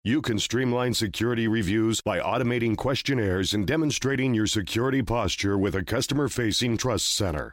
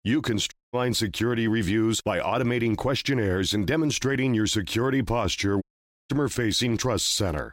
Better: first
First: none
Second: audio cutting out; at 0.5 s and at 5.5 s

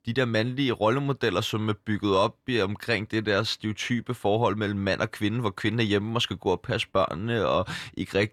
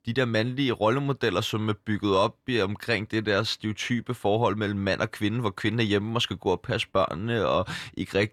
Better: neither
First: none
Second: none

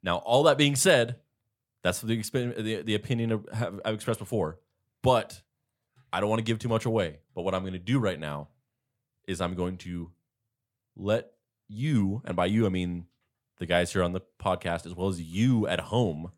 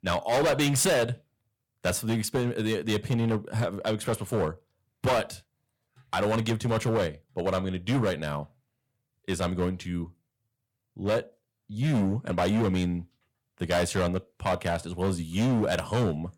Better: first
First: none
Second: distortion; heavy; 10% of the sound clipped

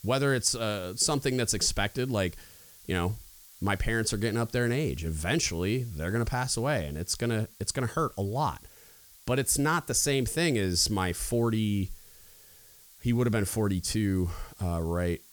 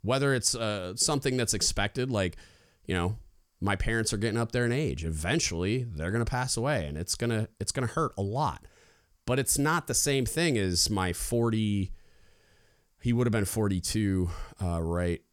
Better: second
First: hiss; faint; throughout; 20 dB below the speech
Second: none

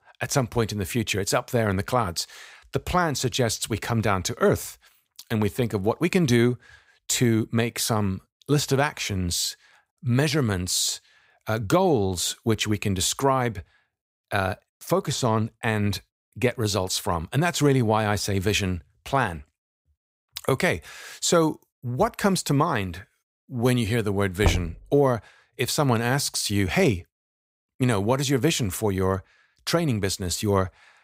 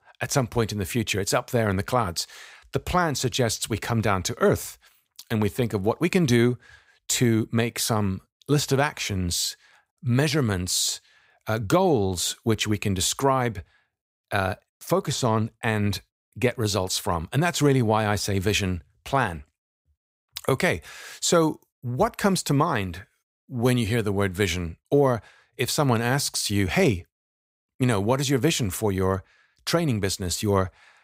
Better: second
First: door banging; noticeable; at 24 s; peak 3 dB below the speech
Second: none

